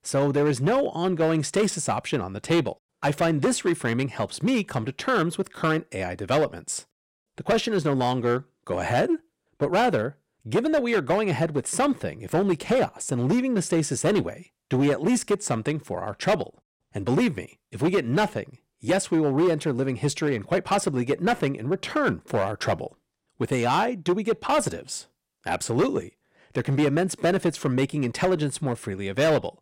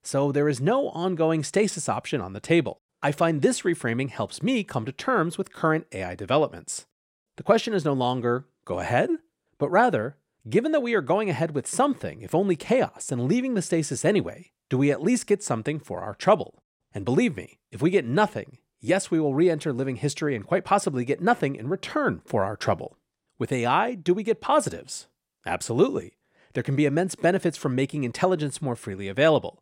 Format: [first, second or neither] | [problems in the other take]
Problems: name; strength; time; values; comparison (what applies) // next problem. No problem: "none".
second | distortion; slight; 8% of the sound clipped